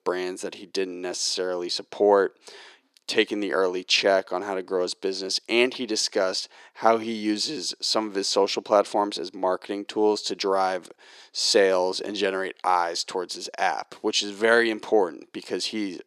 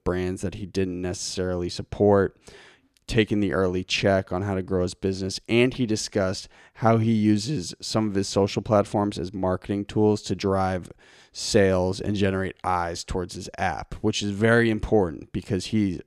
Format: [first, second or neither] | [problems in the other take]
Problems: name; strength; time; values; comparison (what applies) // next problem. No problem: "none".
second | thin; somewhat; fading below 350 Hz